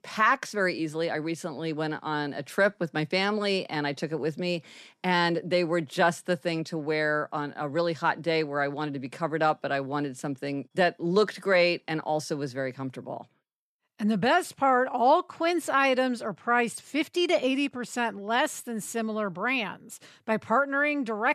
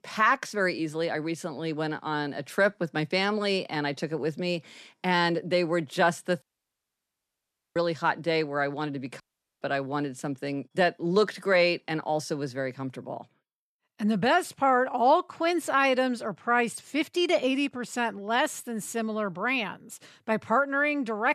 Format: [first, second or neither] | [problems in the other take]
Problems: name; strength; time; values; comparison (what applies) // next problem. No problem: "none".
first | audio cutting out; at 6.5 s for 1.5 s and at 9 s